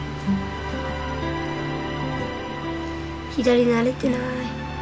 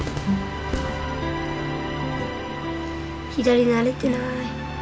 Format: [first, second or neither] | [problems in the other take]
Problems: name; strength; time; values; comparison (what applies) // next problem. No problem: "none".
first | background sound (Cheering / Fireworks); 14 dB below the speech